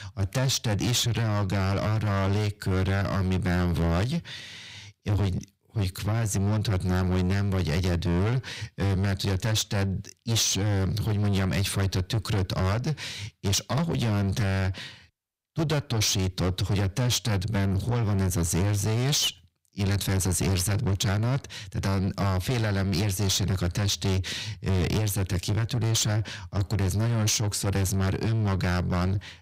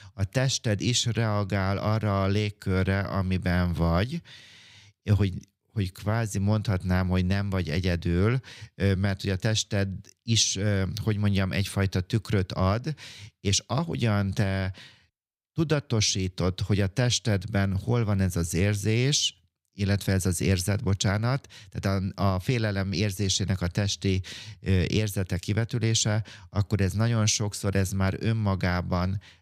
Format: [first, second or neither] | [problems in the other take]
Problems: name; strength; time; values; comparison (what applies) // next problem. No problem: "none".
second | distortion; heavy; 7 dB below the speech